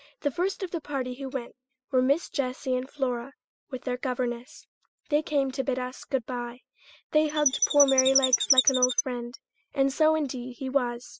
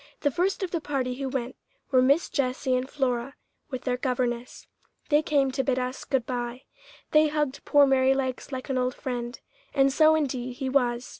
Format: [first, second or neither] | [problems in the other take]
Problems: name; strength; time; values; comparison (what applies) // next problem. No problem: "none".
second | noise reduction (classical method spectral subtraction)